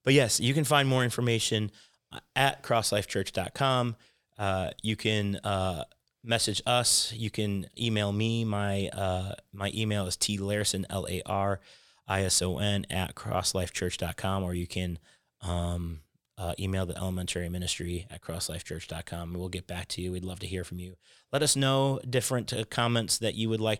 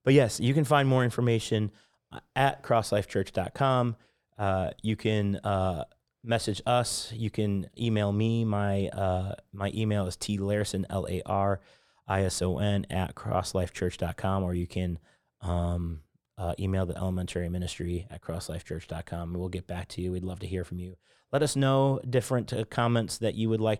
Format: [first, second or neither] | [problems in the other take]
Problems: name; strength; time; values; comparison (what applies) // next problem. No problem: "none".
first | muffled; slightly; fading above 2 kHz